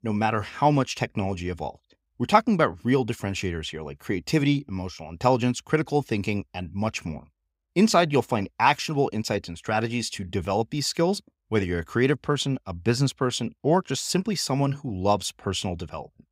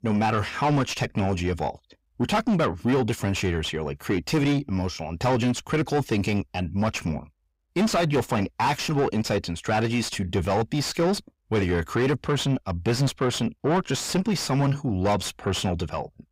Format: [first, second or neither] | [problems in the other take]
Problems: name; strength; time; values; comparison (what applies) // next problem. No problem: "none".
first | distortion; heavy; 6 dB below the speech